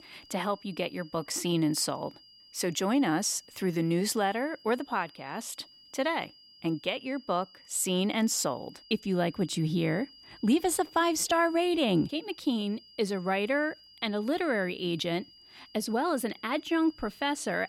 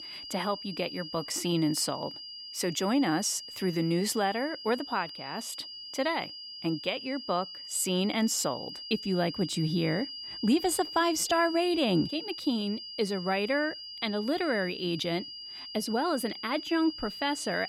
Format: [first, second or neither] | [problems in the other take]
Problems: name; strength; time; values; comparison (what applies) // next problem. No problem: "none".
first | high-pitched whine; loud; throughout; 5 kHz, 9 dB below the speech; faint in the first